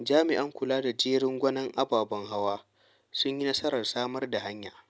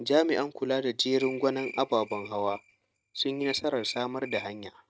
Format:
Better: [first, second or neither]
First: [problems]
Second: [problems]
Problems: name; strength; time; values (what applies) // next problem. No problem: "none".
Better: first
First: none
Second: noise reduction (neural mask model RNNoise)